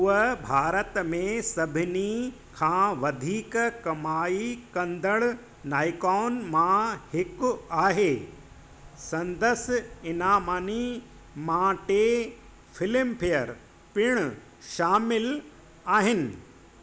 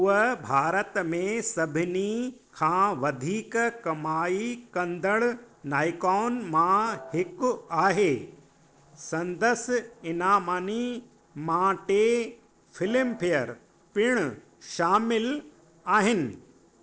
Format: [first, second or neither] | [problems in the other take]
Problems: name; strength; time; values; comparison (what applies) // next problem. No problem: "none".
first | noise reduction (neural separator model SepFormer DNS4)